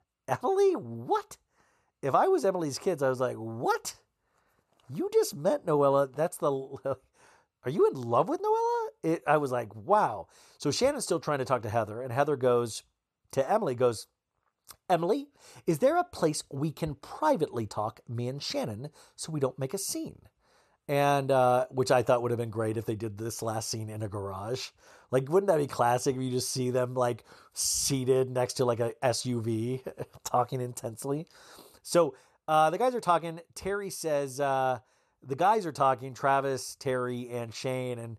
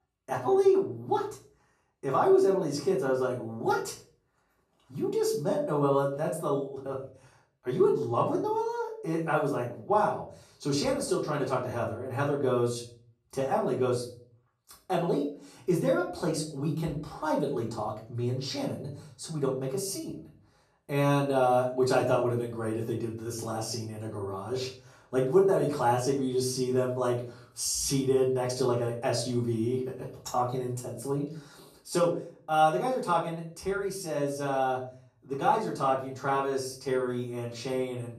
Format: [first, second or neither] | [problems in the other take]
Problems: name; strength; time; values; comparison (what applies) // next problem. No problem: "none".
first | off-mic speech; far // room echo; slight; dies away in 0.4 s